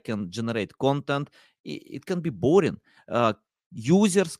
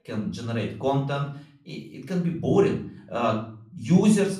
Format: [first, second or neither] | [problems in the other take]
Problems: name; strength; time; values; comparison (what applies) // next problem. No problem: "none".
first | off-mic speech; far // room echo; slight; dies away in 0.4 s